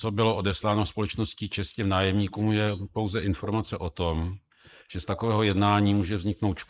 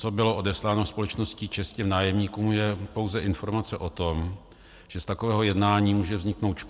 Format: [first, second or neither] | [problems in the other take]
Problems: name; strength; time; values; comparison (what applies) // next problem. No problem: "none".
second | noise reduction (neural mask model Resemble Enhance denoiser)